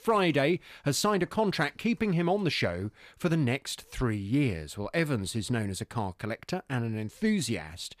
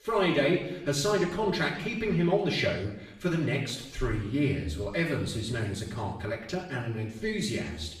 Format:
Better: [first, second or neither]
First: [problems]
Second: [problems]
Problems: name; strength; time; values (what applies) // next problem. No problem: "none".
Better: first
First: none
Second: room echo; noticeable; dies away in 0.7 s // off-mic speech; far